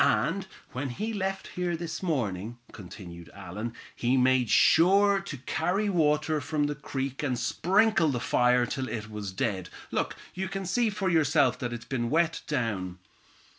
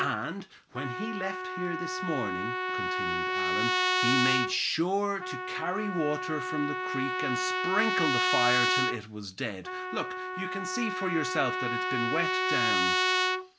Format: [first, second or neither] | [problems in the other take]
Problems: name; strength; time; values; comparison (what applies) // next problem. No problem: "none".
first | background sound (Trumpet); 3 dB above the speech